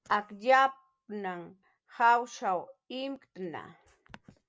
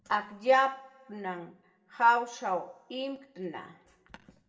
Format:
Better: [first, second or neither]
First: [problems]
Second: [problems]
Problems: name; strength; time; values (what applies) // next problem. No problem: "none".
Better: first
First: none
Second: room echo; dies away in 0.6 s